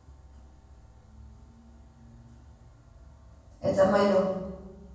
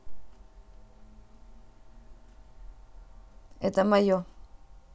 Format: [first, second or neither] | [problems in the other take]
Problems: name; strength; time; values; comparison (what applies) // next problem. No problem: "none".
second | room echo; dies away in 1.2 s